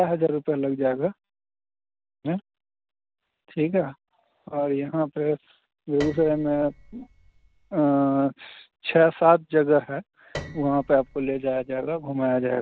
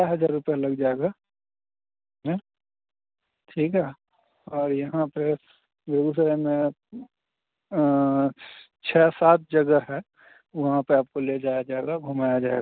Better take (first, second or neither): second